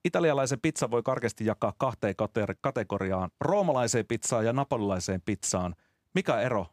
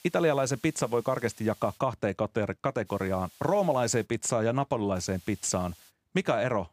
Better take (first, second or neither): first